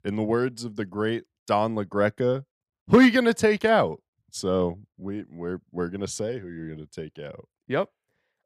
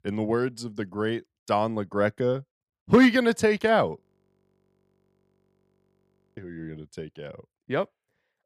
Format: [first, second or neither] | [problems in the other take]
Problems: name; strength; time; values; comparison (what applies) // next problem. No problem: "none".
first | audio freezing; at 4 s for 2.5 s